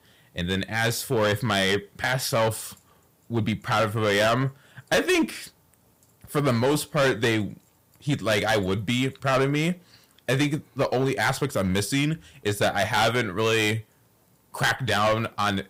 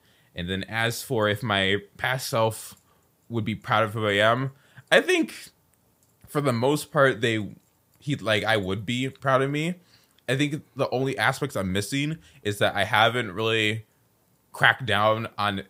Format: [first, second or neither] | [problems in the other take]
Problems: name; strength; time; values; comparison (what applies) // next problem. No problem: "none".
second | distortion; heavy; 8% of the sound clipped